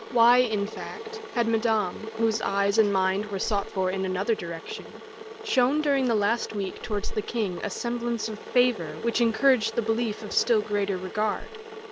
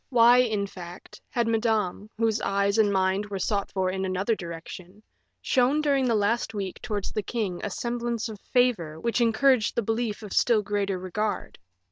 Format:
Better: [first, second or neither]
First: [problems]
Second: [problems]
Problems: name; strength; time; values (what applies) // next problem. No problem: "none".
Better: second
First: background sound (Boiling / Water); 13 dB below the speech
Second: none